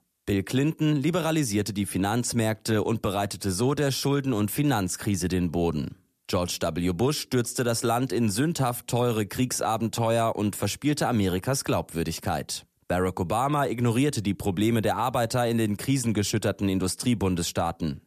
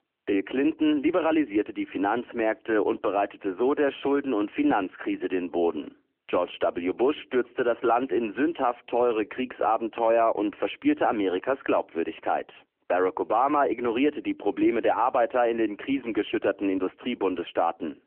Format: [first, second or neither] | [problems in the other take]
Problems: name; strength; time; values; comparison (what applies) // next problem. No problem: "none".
first | phone-call audio; nothing above 3 kHz